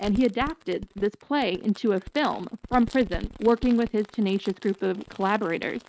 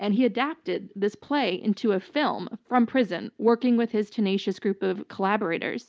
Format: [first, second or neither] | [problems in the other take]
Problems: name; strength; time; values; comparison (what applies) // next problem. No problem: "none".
second | noise reduction (neural mask model RNNoise)